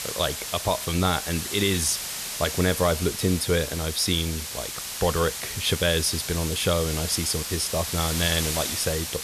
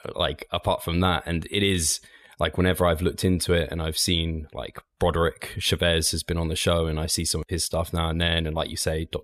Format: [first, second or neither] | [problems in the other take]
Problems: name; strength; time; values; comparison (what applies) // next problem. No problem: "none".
second | hiss; loud; throughout; 4 dB below the speech